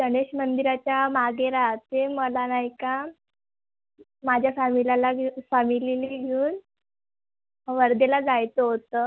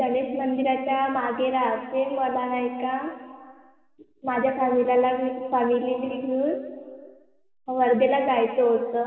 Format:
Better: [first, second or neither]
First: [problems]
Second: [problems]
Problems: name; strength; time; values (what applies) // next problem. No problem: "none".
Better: first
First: none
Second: room echo; dies away in 1.8 s